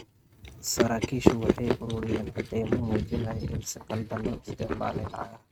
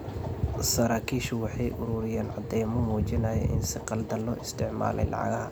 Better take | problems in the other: second | noise reduction (neural mask model RNNoise)

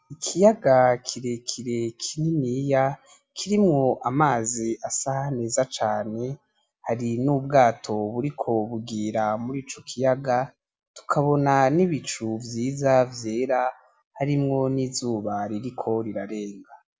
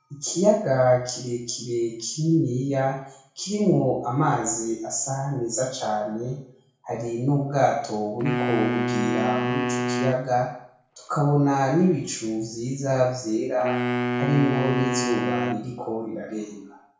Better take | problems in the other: first | background sound (Wind instrument, woodwind instrument); 3 dB below the speech // room echo; dies away in 0.5 s

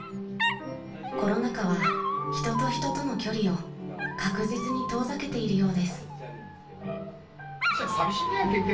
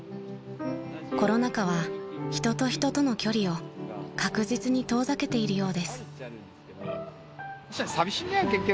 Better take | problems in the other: second | background sound (Dog); 4 dB below the speech // room echo; dies away in 0.4 s

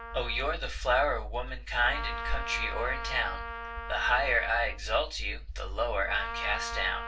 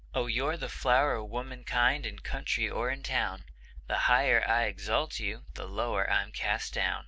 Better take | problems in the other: second | background sound (Trumpet); 10 dB below the speech // room echo; dies away in 0.2 s

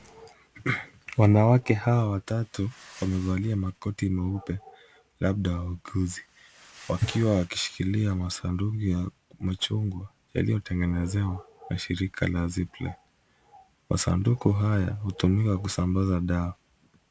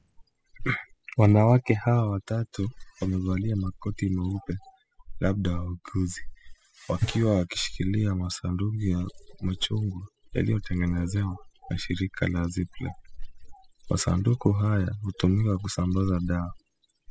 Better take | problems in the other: first | noise reduction (classical method spectral subtraction)

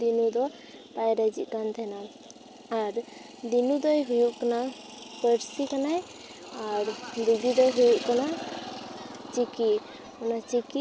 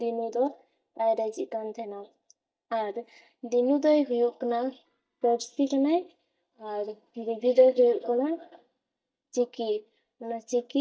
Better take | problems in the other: first | noise reduction (neural mask model DeepFilterNet 3)

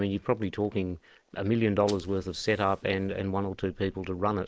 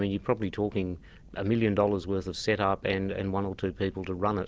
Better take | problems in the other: second | noise reduction (neural mask model Resemble Enhance denoiser)

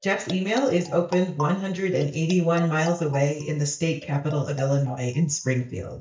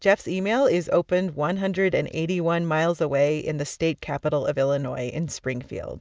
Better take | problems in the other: second | noise reduction (neural mask model DeepFilterNet 3)

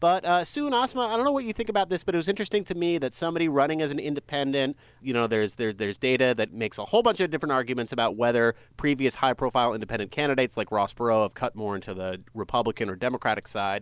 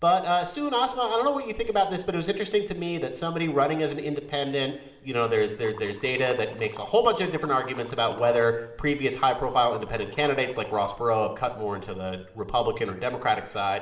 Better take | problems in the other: first | noise reduction (neural separator model SepFormer DNS4)

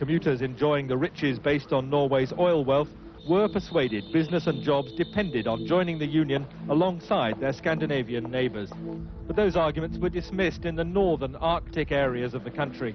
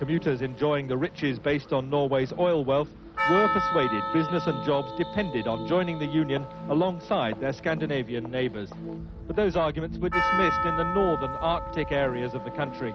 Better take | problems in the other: first | background sound (Percussion); 6 dB below the speech

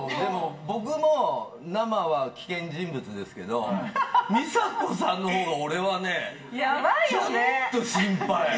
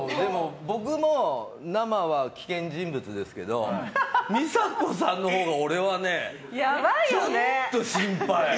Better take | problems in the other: second | room echo; dies away in 0.1 s

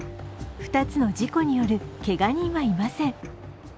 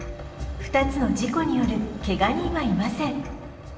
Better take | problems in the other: first | room echo; dies away in 1.1 s

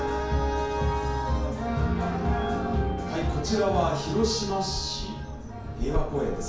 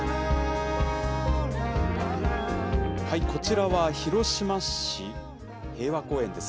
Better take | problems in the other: second | background sound (Bird vocalization, bird call, bird song); 10 dB below the speech // room echo; dies away in 0.5 s

